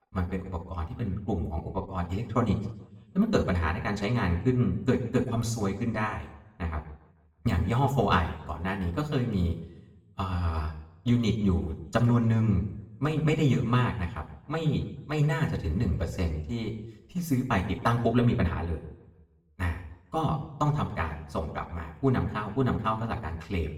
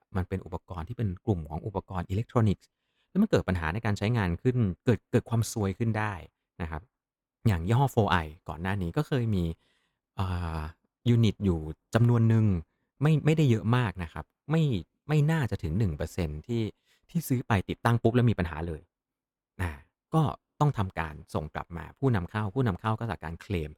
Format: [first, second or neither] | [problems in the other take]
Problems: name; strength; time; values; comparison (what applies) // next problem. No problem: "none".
second | room echo; slight; dies away in 0.6 s // off-mic speech; somewhat distant